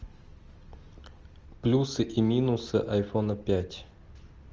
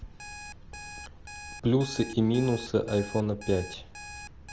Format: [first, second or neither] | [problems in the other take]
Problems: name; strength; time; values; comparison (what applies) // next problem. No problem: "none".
first | background sound (Alarm); 15 dB below the speech